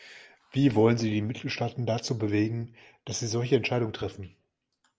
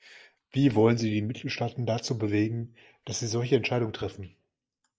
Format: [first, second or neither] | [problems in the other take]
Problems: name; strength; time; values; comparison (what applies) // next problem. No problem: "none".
first | noise reduction (neural mask model DeepFilterNet 3)